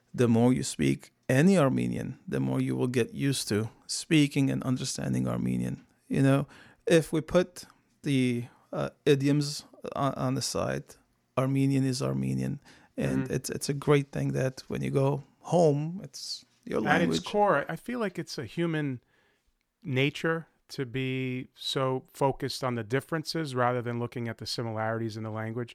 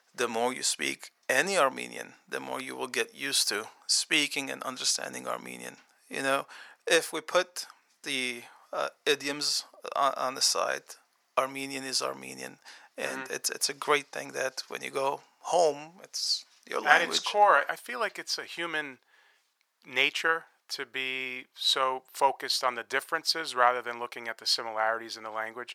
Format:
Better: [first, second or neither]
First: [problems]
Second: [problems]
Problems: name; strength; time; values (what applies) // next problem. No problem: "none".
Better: first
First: none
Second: thin; very; fading below 850 Hz